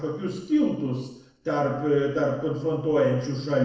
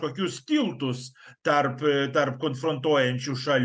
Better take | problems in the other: second | noise reduction (neural separator model SepFormer DNS4)

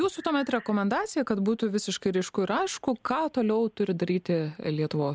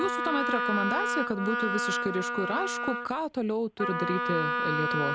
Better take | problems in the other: first | background sound (Wind instrument, woodwind instrument); 1 dB above the speech

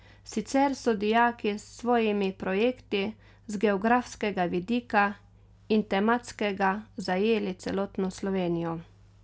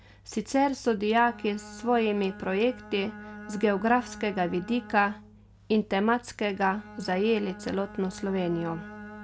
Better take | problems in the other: first | background sound (Bowed string instrument); 17 dB below the speech

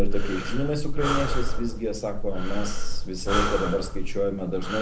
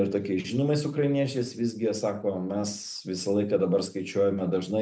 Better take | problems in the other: second | background sound (Breathing); 5 dB above the speech

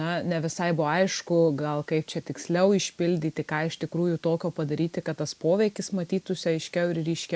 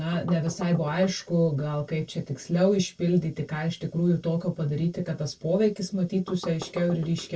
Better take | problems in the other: first | noise reduction (neural separator model SepFormer DNS4)

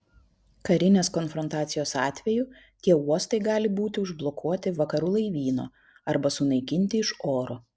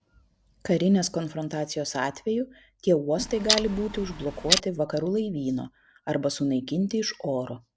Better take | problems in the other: first | background sound (Clock); 3 dB below the speech

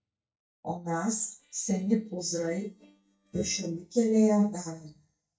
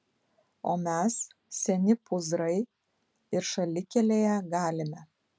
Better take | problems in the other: second | noise reduction (neural mask model DeepFilterNet 3)

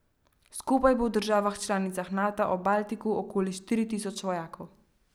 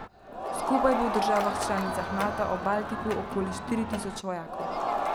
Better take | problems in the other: first | background sound (Crowd); 1 dB below the speech

